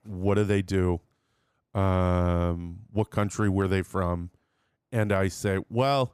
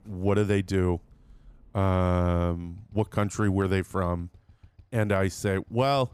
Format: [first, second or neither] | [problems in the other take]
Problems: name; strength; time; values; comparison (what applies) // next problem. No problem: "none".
first | traffic noise; faint; throughout; 30 dB below the speech